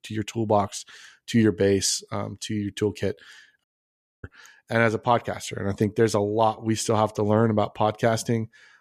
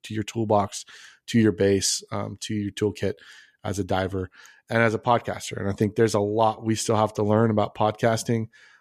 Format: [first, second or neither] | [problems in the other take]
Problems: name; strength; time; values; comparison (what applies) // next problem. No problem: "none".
second | audio cutting out; at 3.5 s for 0.5 s